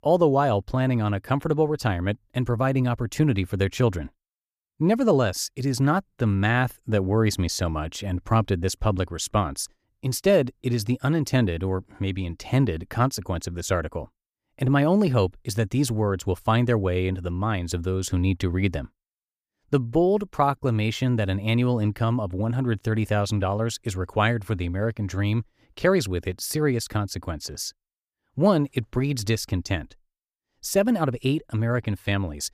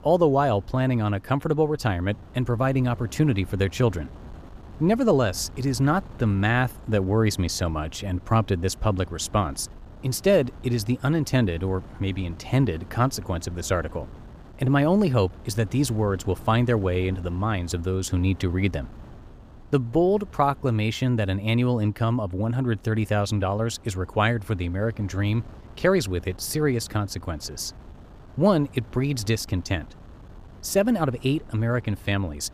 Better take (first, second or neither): first